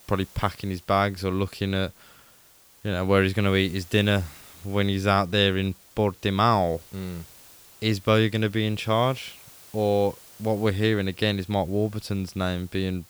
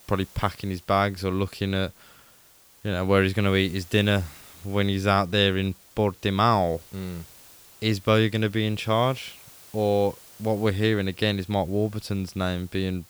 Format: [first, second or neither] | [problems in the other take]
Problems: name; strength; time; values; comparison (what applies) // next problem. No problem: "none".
neither | hiss; faint; throughout; 25 dB below the speech; the same in both